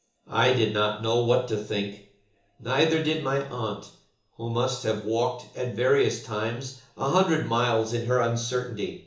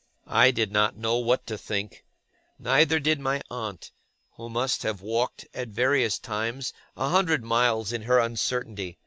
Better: second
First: room echo; dies away in 0.8 s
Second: none

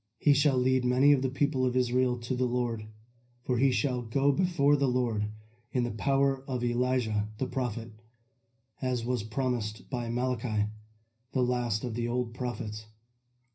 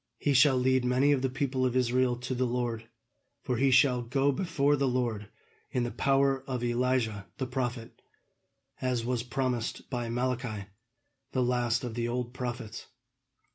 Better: second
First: room echo; dies away in 0.4 s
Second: none

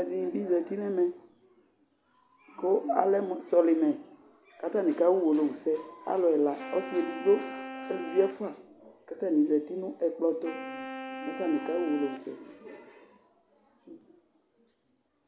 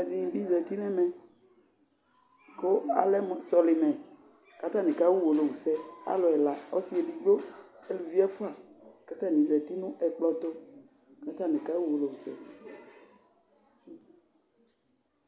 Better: second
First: background sound (Wind instrument, woodwind instrument); 12 dB below the speech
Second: none

